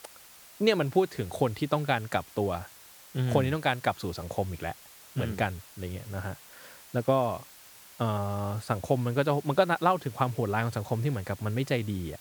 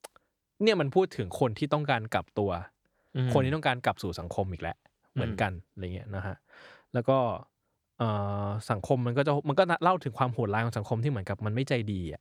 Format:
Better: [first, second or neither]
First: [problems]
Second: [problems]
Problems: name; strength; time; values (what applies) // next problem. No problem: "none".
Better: second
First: hiss; noticeable; throughout; 20 dB below the speech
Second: none